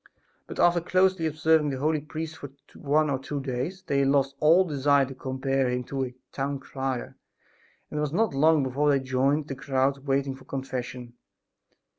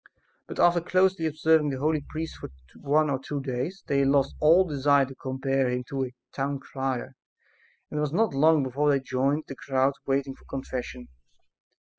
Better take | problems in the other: first | noise reduction (classical method spectral subtraction)

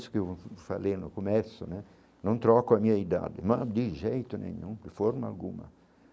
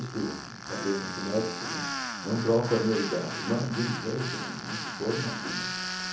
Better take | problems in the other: first | background sound (Tools); 5 dB below the speech // room echo; dies away in 0.7 s

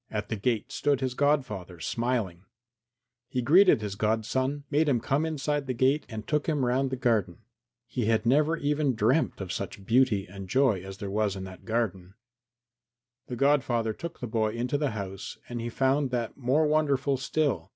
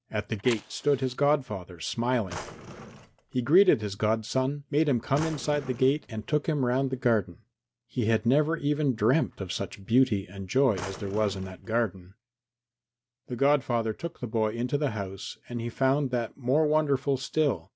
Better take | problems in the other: first | background sound (Drawer open or close + Fire); 15 dB below the speech

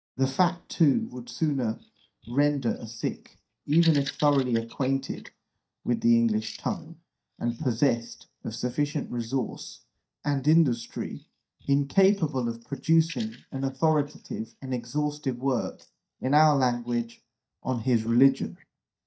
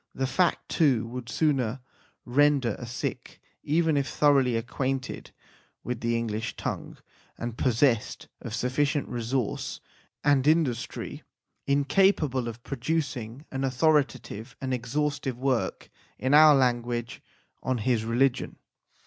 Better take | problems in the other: second | noise reduction (neural mask model DeepFilterNet 3)

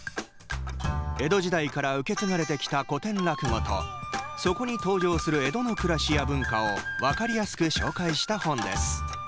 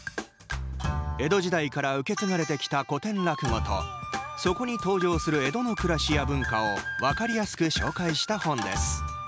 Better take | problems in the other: second | background sound (Tick-tock); 19 dB below the speech

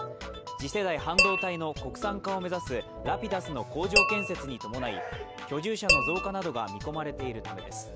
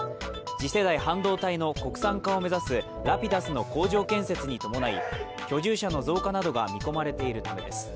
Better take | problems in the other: second | background sound (Tap / Glass); 2 dB above the speech

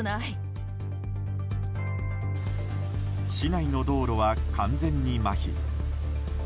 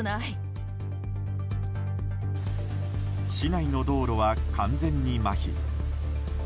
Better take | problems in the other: second | background sound (Electric guitar); 19 dB below the speech

